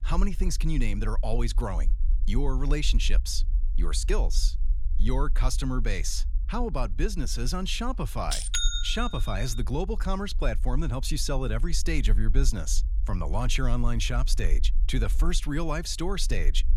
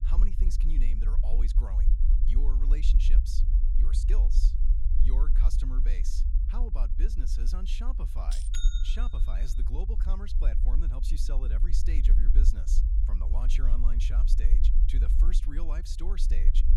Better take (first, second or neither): first